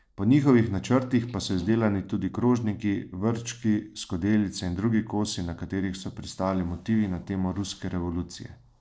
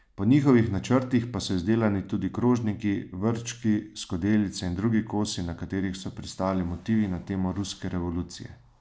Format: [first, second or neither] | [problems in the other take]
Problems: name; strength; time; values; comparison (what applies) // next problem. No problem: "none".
second | noise reduction (neural separator model SepFormer DNS4)